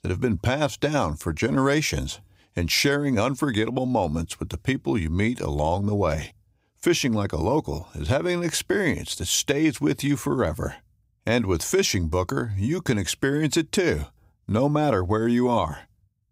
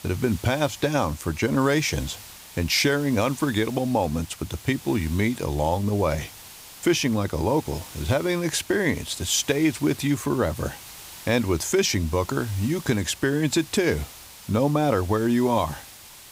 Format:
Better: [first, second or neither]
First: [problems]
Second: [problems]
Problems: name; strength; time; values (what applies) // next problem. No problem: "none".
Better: first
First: none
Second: hiss; noticeable; throughout; 15 dB below the speech